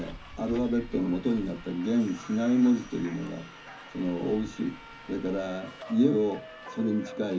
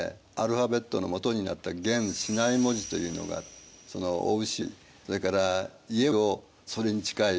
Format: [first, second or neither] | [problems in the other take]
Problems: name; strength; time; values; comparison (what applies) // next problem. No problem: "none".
second | background sound (Subway, metro, underground); 16 dB below the speech // room echo; dies away in 0.3 s